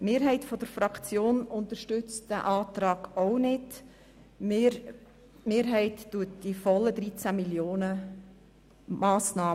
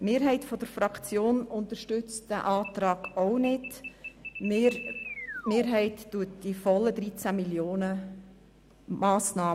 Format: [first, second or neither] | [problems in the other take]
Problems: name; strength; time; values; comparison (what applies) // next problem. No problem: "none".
first | background sound (Alarm); 12 dB below the speech